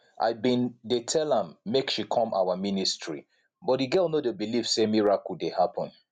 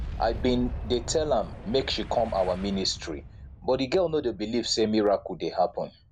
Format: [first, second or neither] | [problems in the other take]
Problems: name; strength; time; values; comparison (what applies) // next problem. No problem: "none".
first | background sound (Boom); 11 dB below the speech